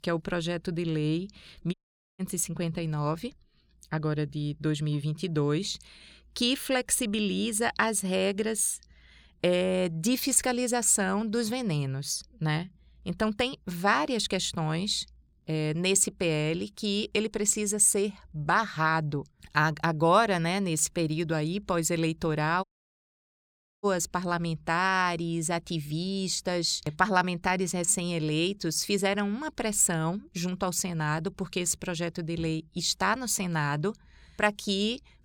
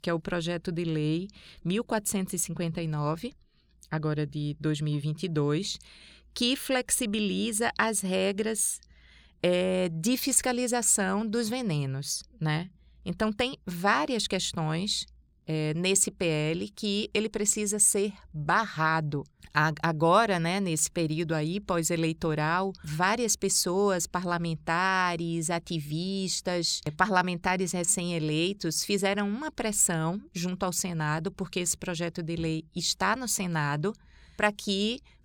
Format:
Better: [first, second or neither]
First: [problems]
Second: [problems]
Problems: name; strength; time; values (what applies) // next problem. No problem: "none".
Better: second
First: audio cutting out; at 1.5 s and at 23 s for 1 s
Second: none